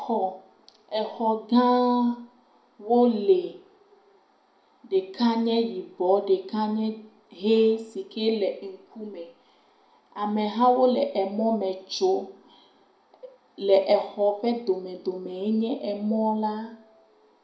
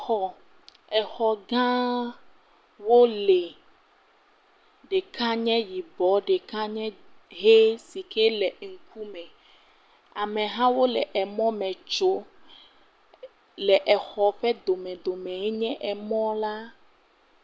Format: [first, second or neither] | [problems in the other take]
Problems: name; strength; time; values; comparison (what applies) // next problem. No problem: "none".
second | room echo; dies away in 0.4 s